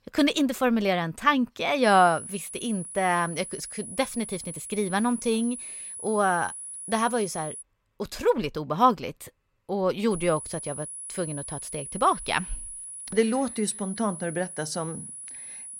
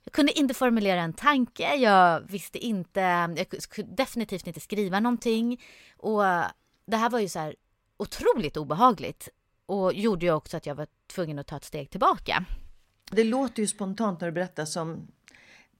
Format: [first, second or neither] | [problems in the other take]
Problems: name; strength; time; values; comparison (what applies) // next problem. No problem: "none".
second | high-pitched whine; loud; from 2 to 7.5 s and from 10 s on; 10 kHz, 10 dB below the speech